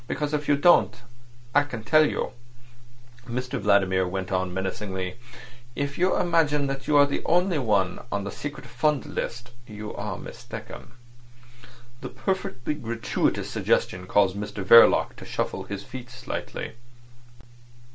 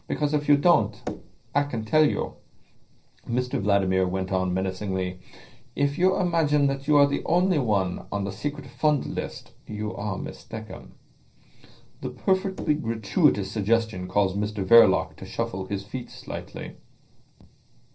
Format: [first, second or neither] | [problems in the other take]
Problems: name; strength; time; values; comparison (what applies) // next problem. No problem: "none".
first | noise reduction (neural separator model SepFormer DNS4)